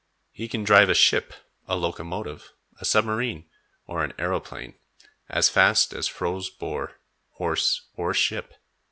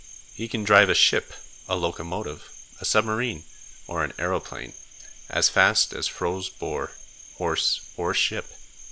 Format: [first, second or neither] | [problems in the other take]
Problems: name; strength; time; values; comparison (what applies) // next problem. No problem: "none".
first | background sound (Cricket); 17 dB below the speech